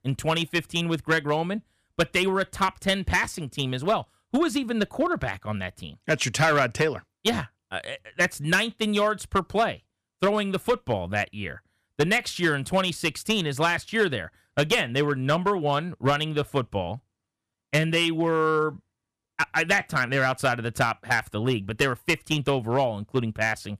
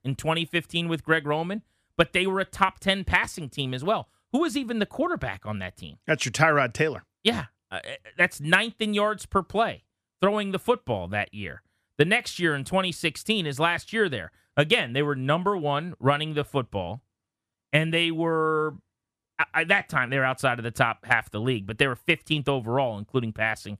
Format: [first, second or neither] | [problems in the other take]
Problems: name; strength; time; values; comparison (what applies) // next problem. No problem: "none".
second | distortion; slight; 3% of the sound clipped